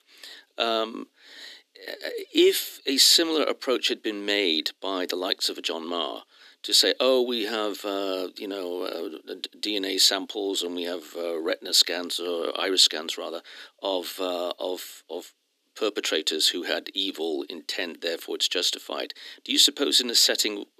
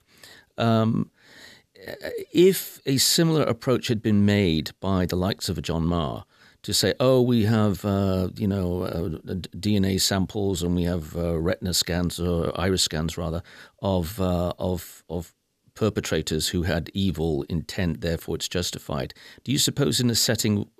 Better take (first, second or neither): second